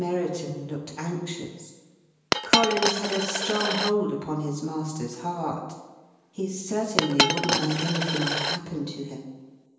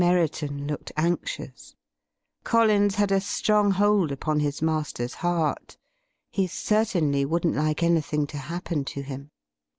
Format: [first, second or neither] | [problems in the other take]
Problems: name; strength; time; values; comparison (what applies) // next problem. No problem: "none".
second | background sound (Coin (dropping)); as loud as the speech // room echo; dies away in 1 s